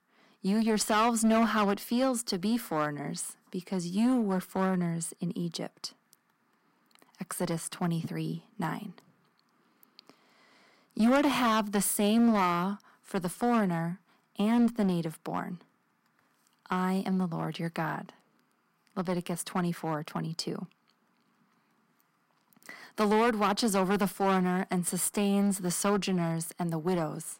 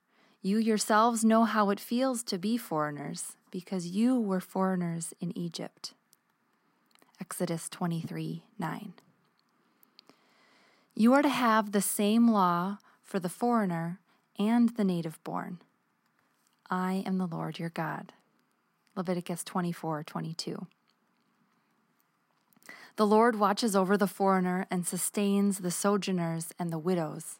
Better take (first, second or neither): second